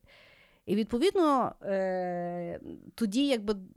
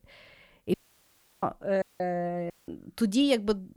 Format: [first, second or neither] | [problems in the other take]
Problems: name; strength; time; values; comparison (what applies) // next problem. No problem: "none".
first | audio cutting out; at 0.5 s for 0.5 s, at 2 s and at 2.5 s